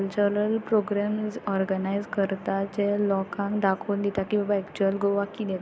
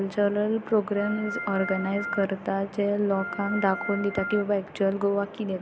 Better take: first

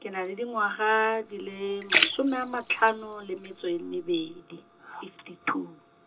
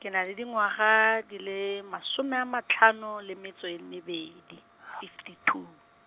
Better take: second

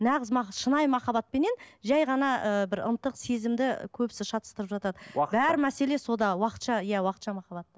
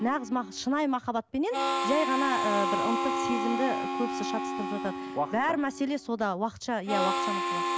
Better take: first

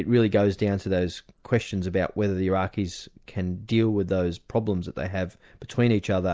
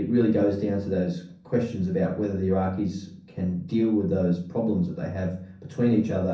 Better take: first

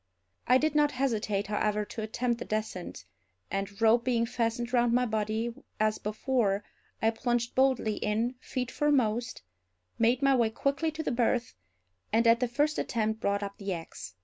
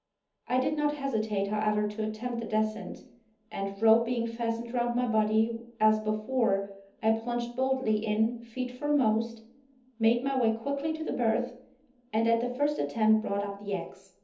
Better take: first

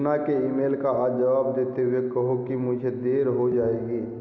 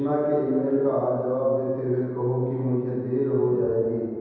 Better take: first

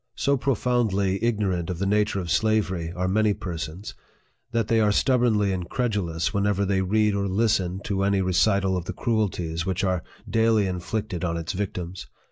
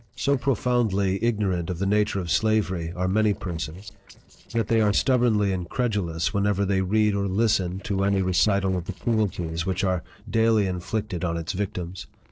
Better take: first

